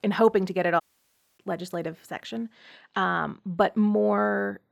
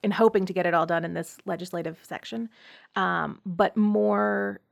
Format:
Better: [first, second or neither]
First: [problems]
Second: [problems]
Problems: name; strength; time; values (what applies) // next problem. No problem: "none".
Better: second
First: audio cutting out; at 1 s for 0.5 s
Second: none